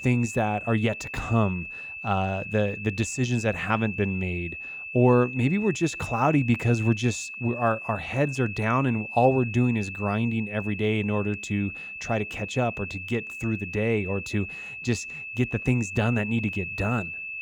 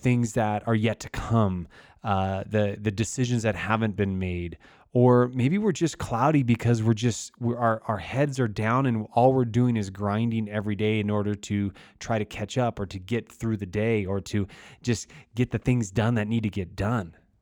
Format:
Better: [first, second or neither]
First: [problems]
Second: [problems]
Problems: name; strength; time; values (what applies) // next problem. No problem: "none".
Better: second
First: high-pitched whine; loud; throughout; 2.5 kHz, 8 dB below the speech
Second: none